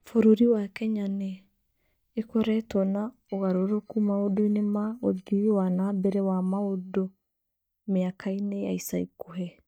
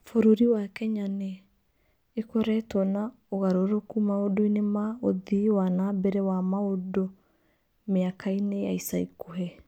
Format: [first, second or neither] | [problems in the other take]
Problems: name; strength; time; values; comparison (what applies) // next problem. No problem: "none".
second | noise reduction (neural mask model DeepFilterNet 3)